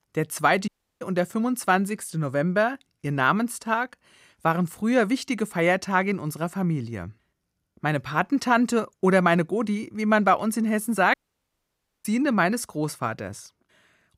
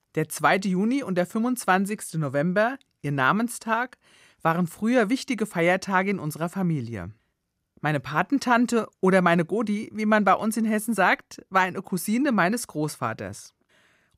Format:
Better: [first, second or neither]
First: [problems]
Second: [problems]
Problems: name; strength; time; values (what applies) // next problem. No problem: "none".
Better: second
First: audio cutting out; at 0.5 s and at 11 s for 1 s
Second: none